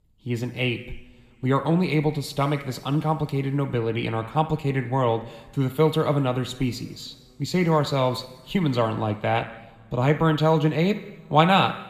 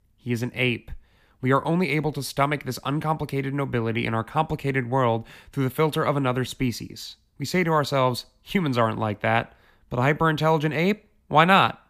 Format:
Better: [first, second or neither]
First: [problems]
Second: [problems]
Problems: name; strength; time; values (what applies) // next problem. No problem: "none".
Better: second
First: room echo; slight; dies away in 2.1 s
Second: none